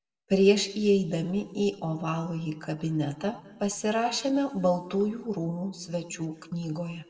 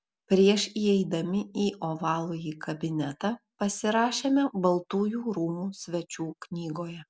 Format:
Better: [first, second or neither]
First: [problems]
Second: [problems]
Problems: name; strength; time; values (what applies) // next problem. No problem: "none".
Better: second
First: room echo; dies away in 1 s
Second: none